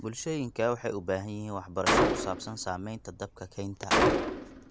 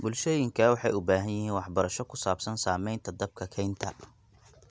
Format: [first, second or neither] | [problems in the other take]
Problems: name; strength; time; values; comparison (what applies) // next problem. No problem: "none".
second | background sound (Gunshot, gunfire); 3 dB above the speech